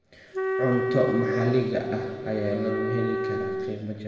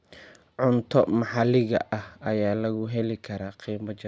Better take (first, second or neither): second